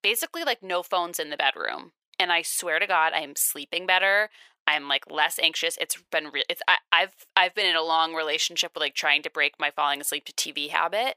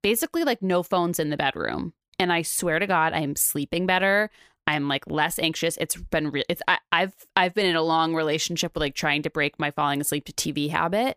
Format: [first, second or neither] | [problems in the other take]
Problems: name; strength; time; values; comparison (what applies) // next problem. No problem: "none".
second | thin; very; fading below 650 Hz